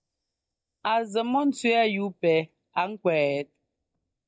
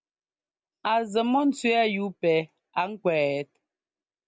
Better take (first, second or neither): second